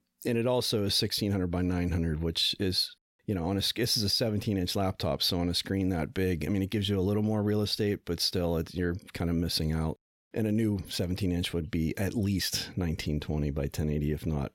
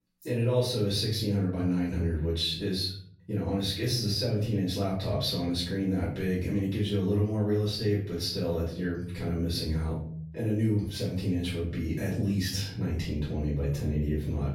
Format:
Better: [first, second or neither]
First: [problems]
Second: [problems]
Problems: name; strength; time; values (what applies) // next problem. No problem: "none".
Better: first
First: none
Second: off-mic speech; far // room echo; noticeable; dies away in 0.7 s